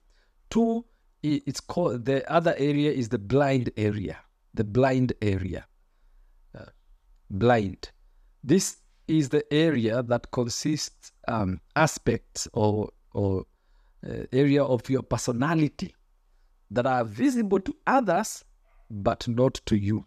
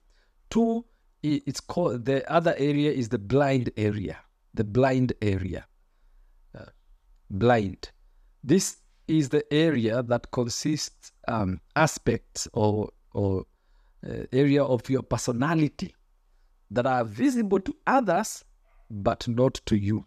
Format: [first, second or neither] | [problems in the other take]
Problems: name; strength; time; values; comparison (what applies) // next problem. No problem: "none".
neither | none